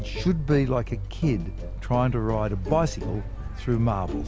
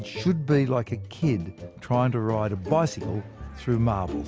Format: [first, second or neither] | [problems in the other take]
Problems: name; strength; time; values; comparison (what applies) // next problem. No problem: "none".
second | background sound (Mechanical fan); 8 dB below the speech